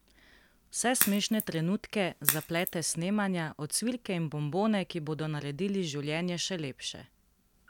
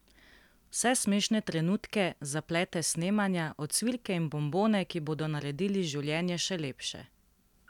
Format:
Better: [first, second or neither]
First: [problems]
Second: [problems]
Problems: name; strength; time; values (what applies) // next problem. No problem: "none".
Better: second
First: background sound (Crack); 3 dB below the speech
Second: none